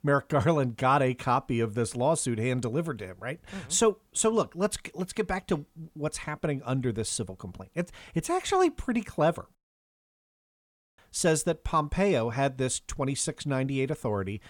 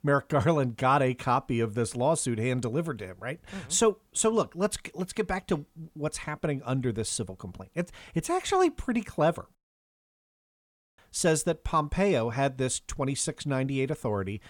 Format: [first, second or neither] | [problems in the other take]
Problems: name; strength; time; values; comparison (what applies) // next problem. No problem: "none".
neither | audio cutting out; at 9.5 s for 1.5 s; the same in both